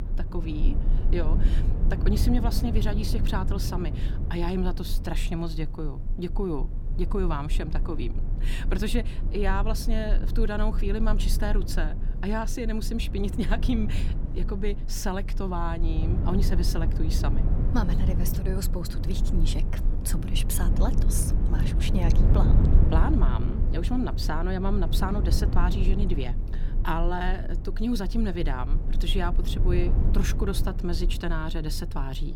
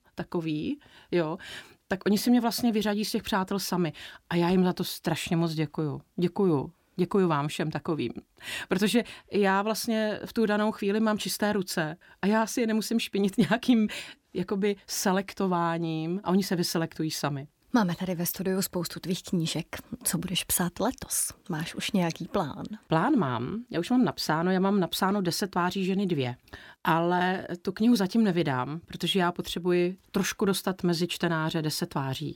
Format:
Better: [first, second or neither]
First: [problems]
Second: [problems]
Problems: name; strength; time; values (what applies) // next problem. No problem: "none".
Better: second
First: low rumble; loud; throughout; 8 dB below the speech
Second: none